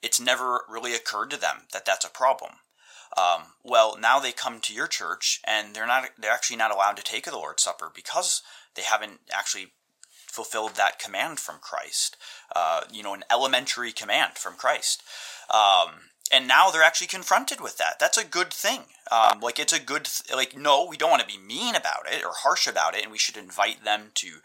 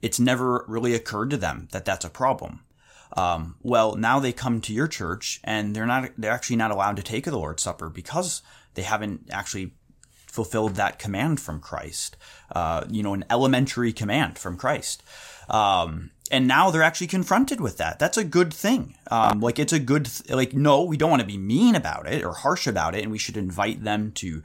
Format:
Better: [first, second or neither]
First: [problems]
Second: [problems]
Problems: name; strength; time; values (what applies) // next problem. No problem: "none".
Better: second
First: thin; very; fading below 850 Hz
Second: none